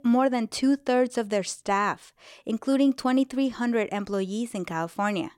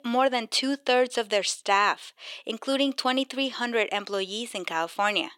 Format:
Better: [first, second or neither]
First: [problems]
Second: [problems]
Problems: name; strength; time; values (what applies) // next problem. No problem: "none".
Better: first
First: none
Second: thin; somewhat; fading below 450 Hz